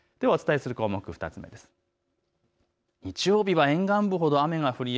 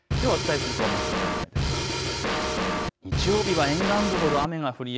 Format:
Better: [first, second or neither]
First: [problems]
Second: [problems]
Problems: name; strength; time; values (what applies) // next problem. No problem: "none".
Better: first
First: none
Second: background sound (Drum kit); 2 dB above the speech